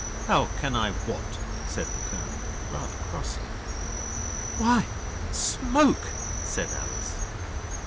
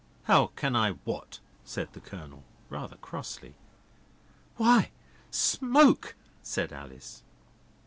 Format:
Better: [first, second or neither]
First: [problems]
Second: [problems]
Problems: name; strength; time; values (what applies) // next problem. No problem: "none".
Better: second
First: background sound (Cricket); 1 dB below the speech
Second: none